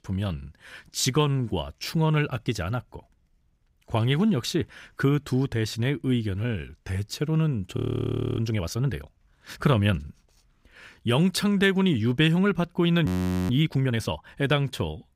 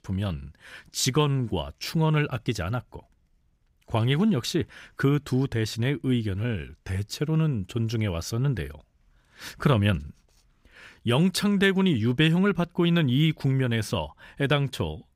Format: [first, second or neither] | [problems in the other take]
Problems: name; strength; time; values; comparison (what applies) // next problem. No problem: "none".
second | audio freezing; at 8 s for 0.5 s and at 13 s